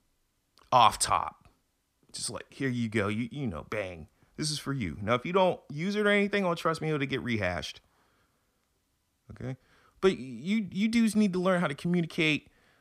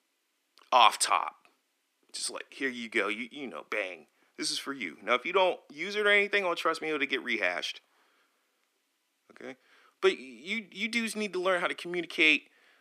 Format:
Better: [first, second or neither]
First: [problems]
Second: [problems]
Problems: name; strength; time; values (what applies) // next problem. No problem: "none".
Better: first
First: none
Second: thin; somewhat; fading below 300 Hz